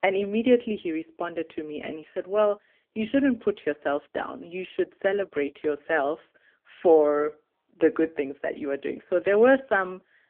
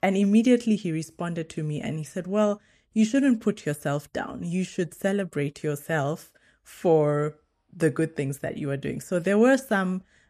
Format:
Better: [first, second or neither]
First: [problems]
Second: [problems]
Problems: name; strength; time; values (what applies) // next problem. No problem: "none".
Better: second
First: phone-call audio; poor line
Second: none